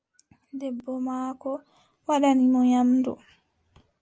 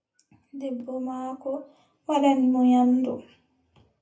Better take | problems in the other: first | room echo; dies away in 0.3 s

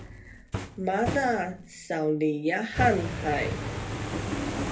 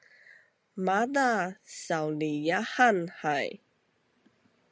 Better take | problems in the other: second | background sound (Fire); 4 dB below the speech // room echo; dies away in 0.3 s

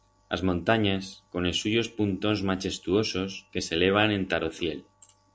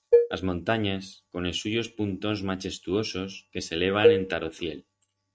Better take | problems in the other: first | noise reduction (neural mask model RNNoise)

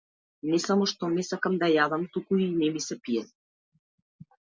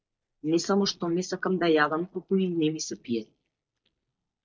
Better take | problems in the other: first | noise reduction (neural mask model DeepFilterNet 3)

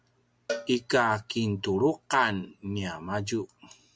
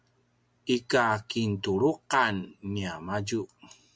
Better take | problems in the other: second | background sound (Cowbell); 14 dB below the speech

